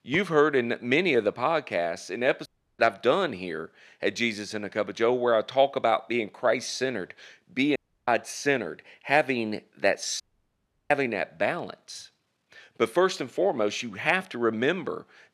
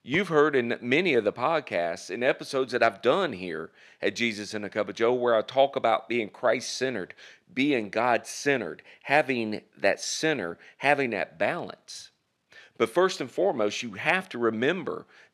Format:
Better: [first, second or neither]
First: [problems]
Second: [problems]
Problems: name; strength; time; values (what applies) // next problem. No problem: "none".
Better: second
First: audio cutting out; at 2.5 s, at 8 s and at 10 s for 0.5 s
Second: none